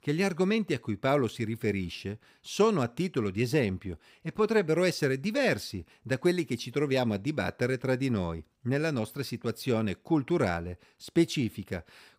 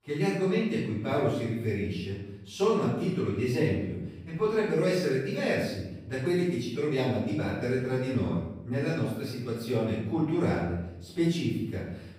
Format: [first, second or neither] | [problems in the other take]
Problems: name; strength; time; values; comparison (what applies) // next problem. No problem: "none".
first | off-mic speech; far // room echo; noticeable; dies away in 0.9 s